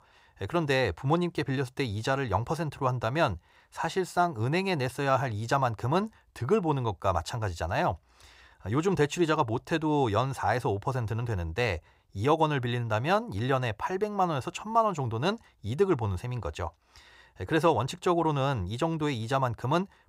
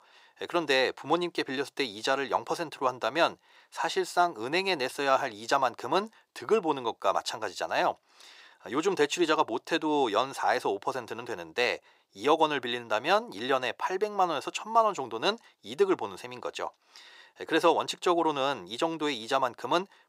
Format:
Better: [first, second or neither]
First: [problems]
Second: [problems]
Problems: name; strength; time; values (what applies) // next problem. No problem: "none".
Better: first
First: none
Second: thin; somewhat; fading below 300 Hz